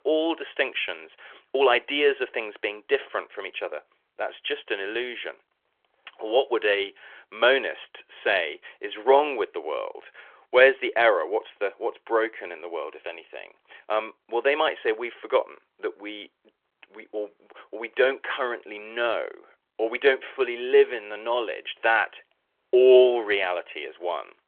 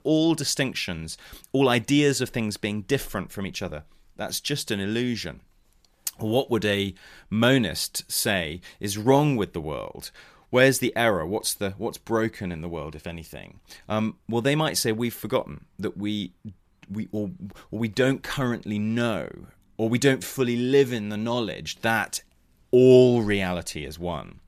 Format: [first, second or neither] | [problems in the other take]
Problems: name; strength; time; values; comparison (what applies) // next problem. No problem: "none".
second | phone-call audio; nothing above 3.5 kHz